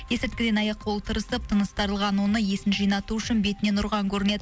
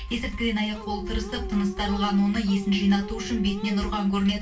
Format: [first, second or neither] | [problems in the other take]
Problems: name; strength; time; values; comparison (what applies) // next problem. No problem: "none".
first | background sound (Dog); 13 dB below the speech // room echo; dies away in 0.3 s